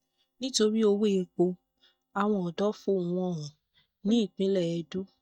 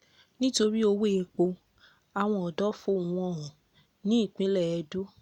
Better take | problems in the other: second | noise reduction (neural mask model DeepFilterNet 3)

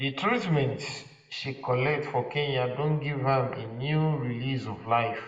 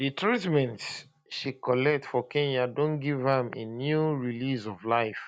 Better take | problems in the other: second | room echo; dies away in 0.8 s

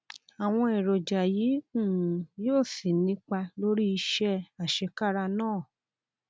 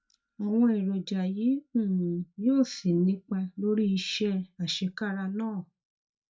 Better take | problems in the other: first | noise reduction (neural mask model DeepFilterNet 3)

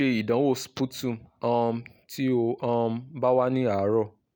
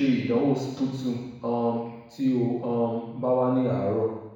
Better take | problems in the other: first | room echo; dies away in 1.1 s

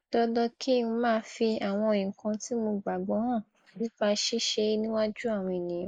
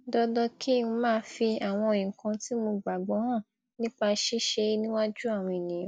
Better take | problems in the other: second | noise reduction (neural mask model Resemble Enhance denoiser)

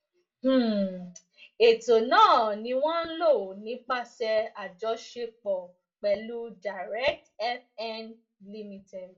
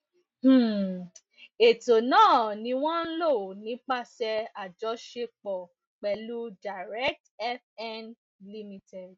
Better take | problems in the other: second | room echo; dies away in 0.2 s

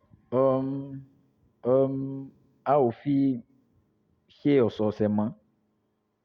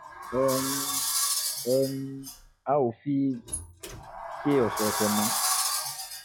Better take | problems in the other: first | noise reduction (classical method log-MMSE)

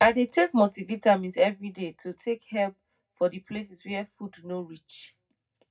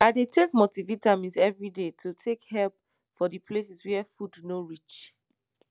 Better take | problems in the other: second | room echo; dies away in 0.3 s

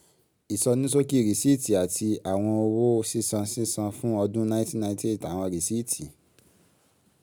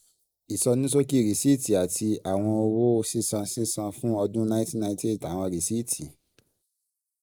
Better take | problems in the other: first | noise reduction (neural mask model Resemble Enhance denoiser)

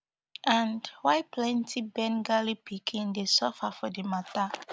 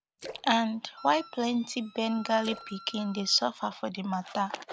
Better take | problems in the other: first | background sound (Wind instrument, woodwind instrument + Splash, splatter); 18 dB below the speech

